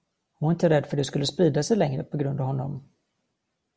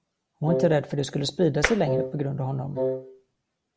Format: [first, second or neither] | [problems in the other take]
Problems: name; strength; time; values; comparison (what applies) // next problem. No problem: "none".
first | background sound (Tap + Wind instrument, woodwind instrument); 2 dB below the speech